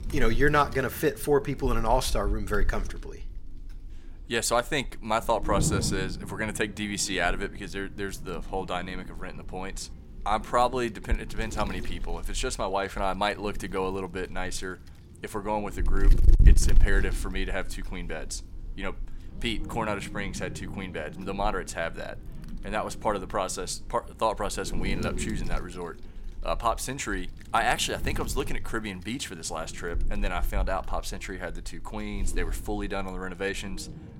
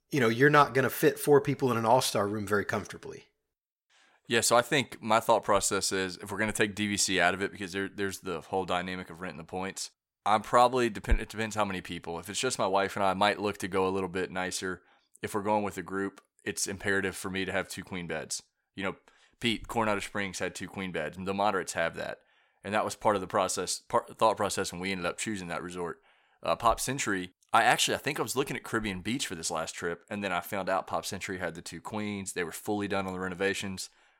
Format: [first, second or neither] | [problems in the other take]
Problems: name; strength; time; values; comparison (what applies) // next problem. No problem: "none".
second | wind noise on the microphone; occasional gusts; 15 dB below the speech